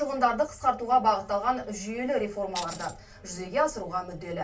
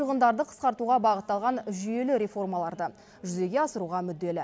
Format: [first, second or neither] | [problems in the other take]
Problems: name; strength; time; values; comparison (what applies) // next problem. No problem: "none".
second | background sound (Tambourine); 12 dB below the speech // room echo; dies away in 0.2 s